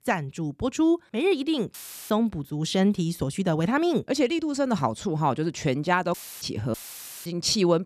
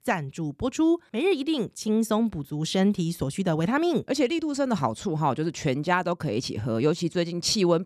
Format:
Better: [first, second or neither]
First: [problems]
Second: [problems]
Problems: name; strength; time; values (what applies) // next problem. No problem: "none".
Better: second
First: audio cutting out; filled with static; at 1.5 s, at 6 s and at 6.5 s for 0.5 s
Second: none